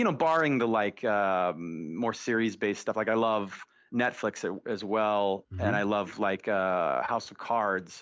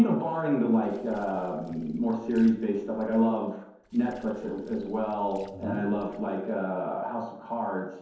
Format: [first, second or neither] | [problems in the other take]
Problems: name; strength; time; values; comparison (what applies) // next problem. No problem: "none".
first | noise reduction (neural separator model SepFormer DNS4)